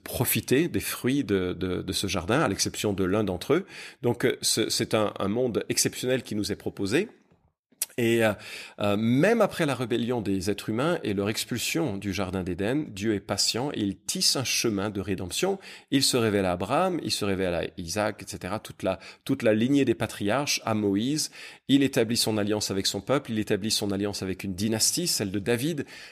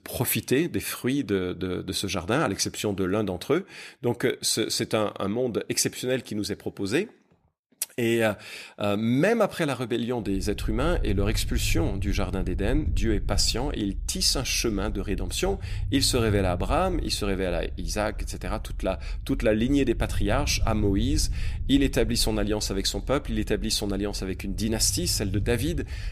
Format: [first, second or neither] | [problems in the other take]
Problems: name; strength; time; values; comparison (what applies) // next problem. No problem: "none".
first | low rumble; faint; from 10 s on; 25 dB below the speech